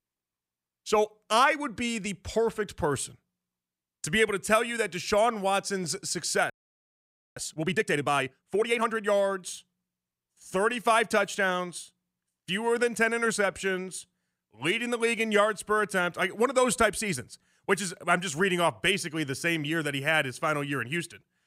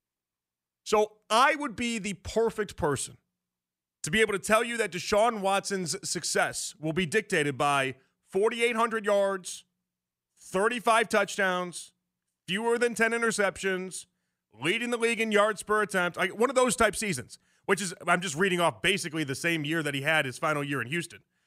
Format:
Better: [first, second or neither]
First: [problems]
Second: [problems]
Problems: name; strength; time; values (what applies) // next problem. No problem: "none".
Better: second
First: audio freezing; at 6.5 s for 1 s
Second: none